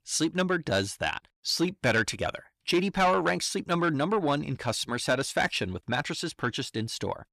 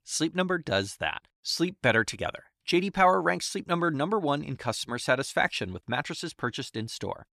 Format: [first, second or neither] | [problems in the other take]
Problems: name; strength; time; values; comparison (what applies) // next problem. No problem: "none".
second | distortion; slight; 10 dB below the speech